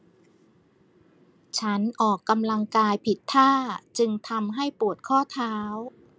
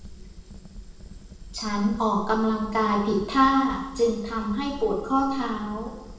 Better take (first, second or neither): first